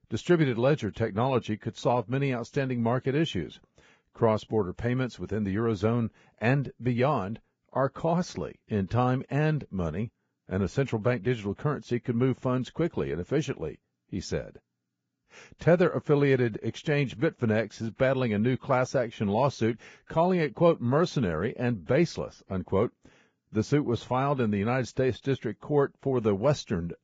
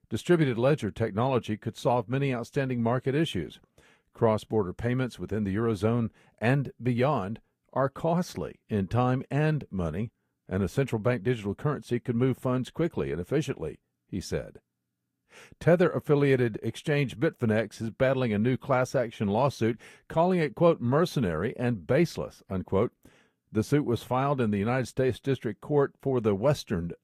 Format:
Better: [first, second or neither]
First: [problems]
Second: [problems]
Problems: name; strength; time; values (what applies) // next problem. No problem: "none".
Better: second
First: garbled, watery; badly; nothing above 7.5 kHz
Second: garbled, watery; slightly; nothing above 14.5 kHz